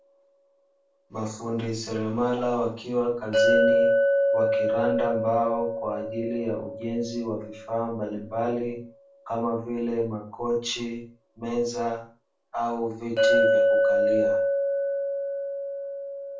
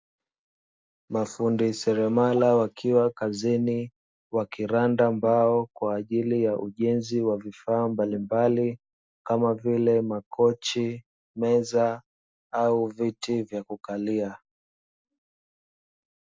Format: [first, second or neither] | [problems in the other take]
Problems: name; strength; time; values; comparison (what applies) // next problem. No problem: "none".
second | background sound (Chink, clink); 3 dB above the speech // room echo; dies away in 0.3 s